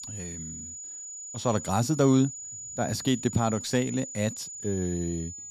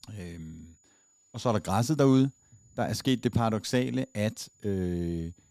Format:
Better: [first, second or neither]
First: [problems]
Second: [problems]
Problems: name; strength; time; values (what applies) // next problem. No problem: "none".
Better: second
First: high-pitched whine; loud; throughout; 7 kHz, 10 dB below the speech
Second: high-pitched whine; faint; throughout; 7 kHz, 35 dB below the speech